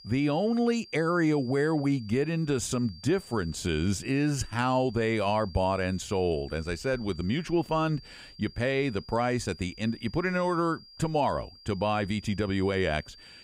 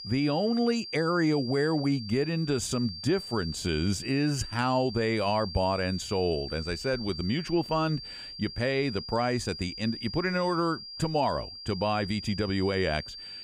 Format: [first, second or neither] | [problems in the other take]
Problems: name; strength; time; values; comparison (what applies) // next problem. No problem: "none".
first | high-pitched whine; loud; throughout; 4.5 kHz, 10 dB below the speech; faint in the first